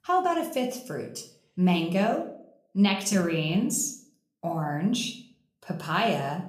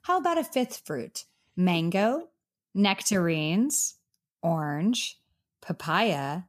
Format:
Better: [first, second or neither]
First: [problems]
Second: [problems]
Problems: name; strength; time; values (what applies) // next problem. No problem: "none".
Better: second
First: room echo; slight; dies away in 0.4 s // off-mic speech; somewhat distant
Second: none